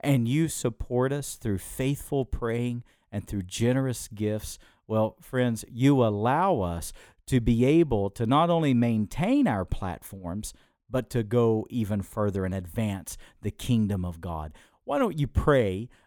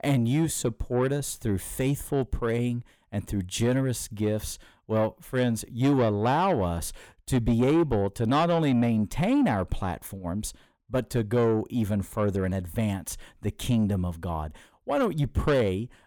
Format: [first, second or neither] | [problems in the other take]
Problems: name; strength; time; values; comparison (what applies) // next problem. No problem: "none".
first | distortion; slight; 10 dB below the speech